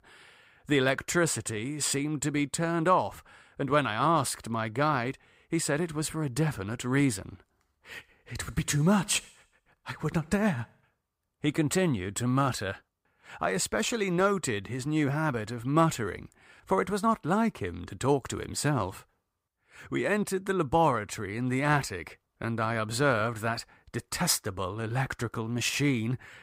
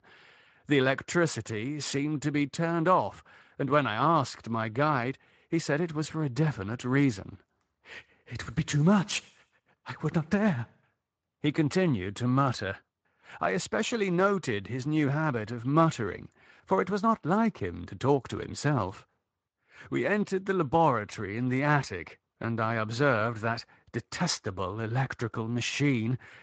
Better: first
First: none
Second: garbled, watery; slightly; nothing above 8 kHz

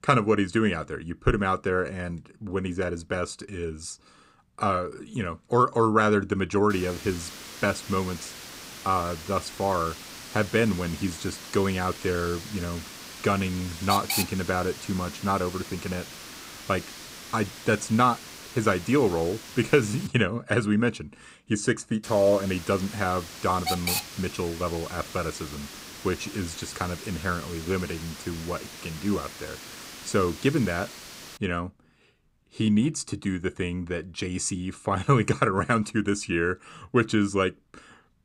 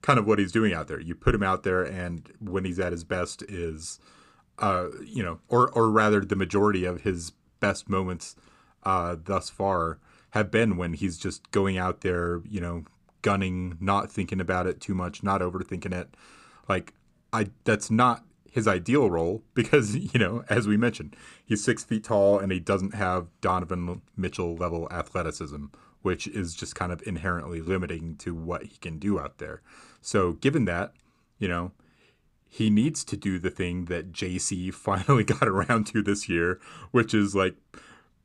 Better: second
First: hiss; noticeable; from 6.5 to 20 s and from 22 to 31 s; 10 dB below the speech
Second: none

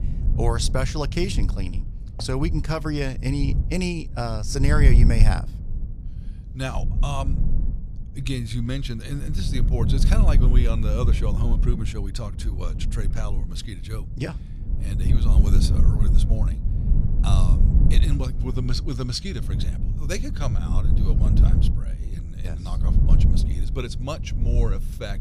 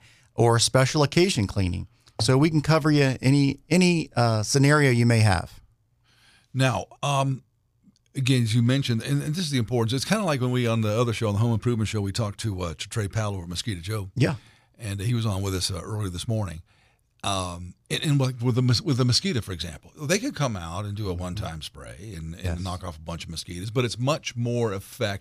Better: second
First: wind noise on the microphone; heavy; 7 dB below the speech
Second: none

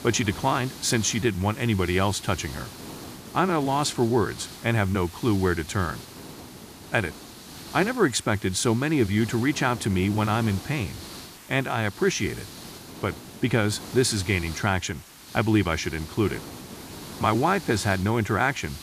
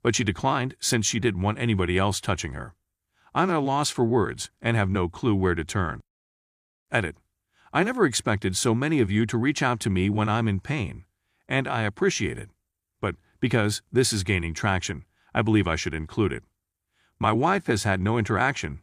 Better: second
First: hiss; noticeable; throughout; 15 dB below the speech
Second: none

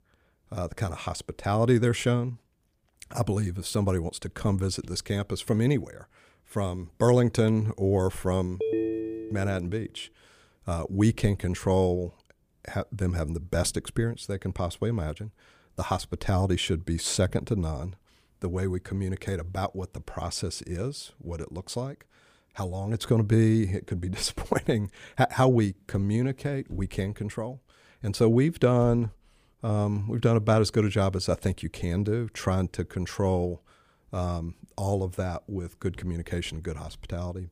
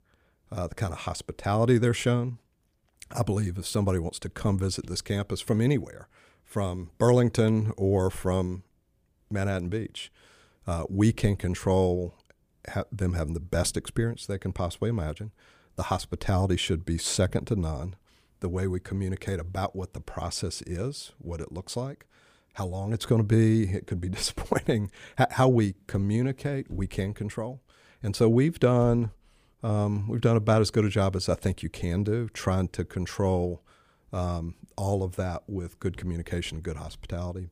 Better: second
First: phone ringing; noticeable; from 8.5 to 9.5 s; peak level with the speech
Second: none

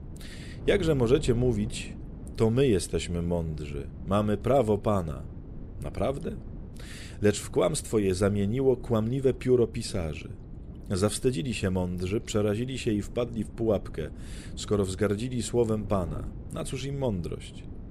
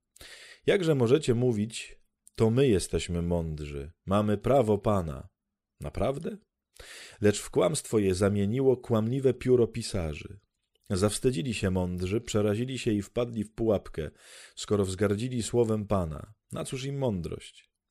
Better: second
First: wind noise on the microphone; occasional gusts; 20 dB below the speech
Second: none

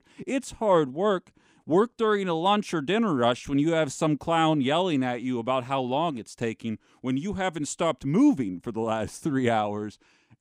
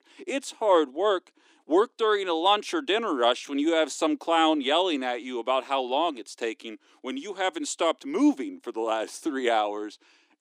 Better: first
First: none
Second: thin; very slightly; fading below 300 Hz

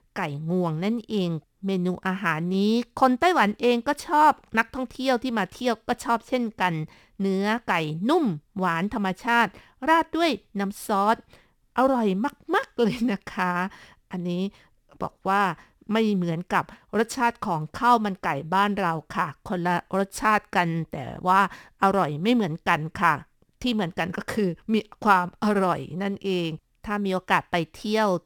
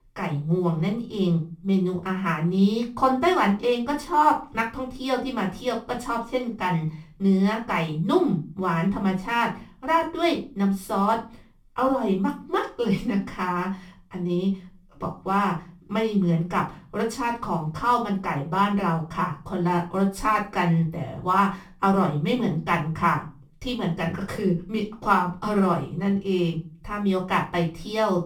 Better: first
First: none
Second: off-mic speech; far // room echo; slight; dies away in 0.3 s

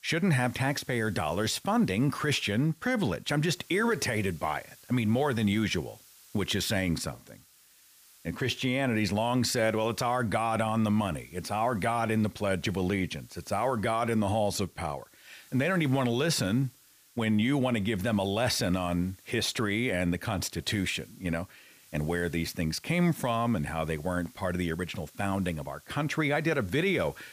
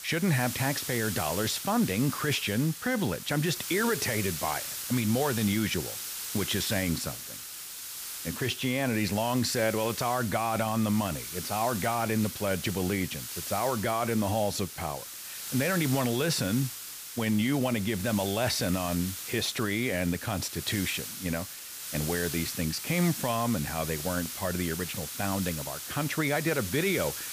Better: first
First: hiss; faint; throughout; 25 dB below the speech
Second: hiss; loud; throughout; 6 dB below the speech

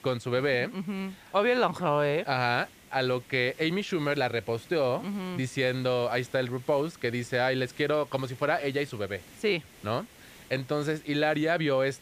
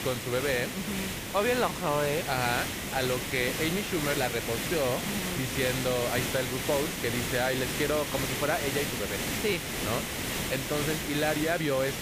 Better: first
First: hiss; faint; throughout; 25 dB below the speech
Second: hiss; loud; throughout; 1 dB below the speech

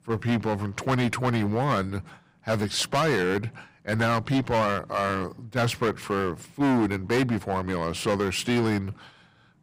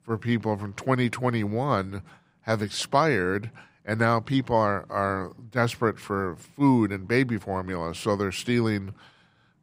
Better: second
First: distortion; heavy; 11% of the sound clipped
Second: none

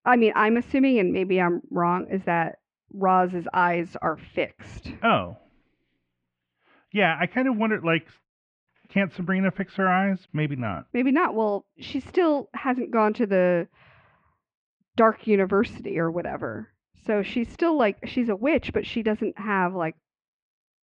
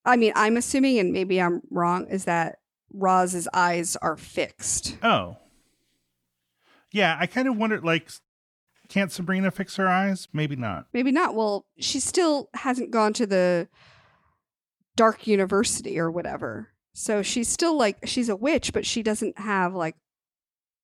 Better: second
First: muffled; very; fading above 2.5 kHz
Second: none

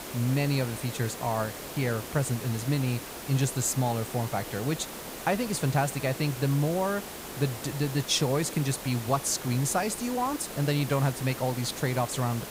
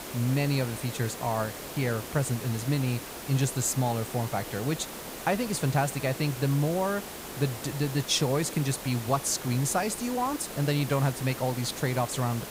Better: neither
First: hiss; loud; throughout; 9 dB below the speech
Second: hiss; loud; throughout; 9 dB below the speech

